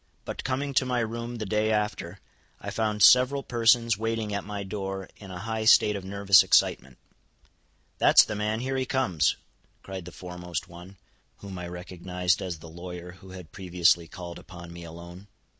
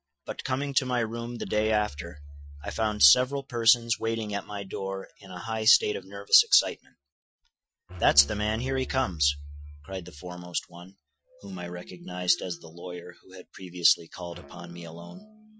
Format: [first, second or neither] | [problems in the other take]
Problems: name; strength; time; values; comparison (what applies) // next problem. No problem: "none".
first | noise reduction (classical method Wiener filter)